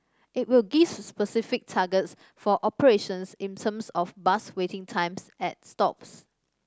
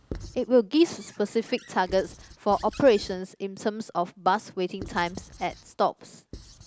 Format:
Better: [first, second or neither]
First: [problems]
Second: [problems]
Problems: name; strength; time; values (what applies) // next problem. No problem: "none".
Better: first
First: none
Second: background sound (Squeak / Writing); 19 dB below the speech